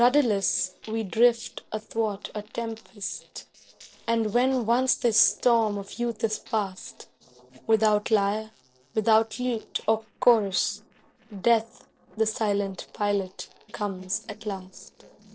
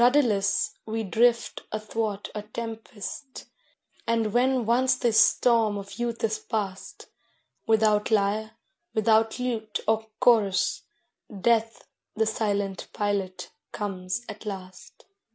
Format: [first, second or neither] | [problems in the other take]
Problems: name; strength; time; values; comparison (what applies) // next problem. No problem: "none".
second | noise reduction (neural separator model SepFormer DNS4)